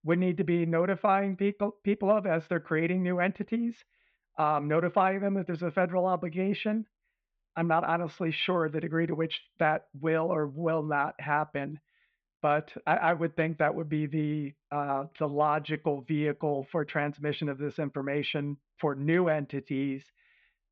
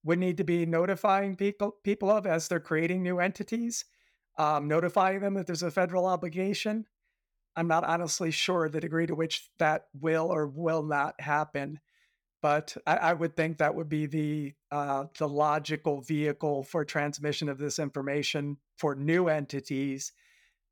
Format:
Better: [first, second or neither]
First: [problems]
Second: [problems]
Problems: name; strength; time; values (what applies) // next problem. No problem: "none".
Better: second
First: muffled; very; fading above 3 kHz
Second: none